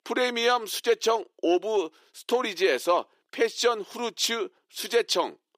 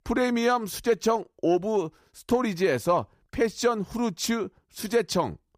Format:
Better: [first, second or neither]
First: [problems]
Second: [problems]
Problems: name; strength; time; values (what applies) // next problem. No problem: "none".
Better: second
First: thin; somewhat; fading below 350 Hz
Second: none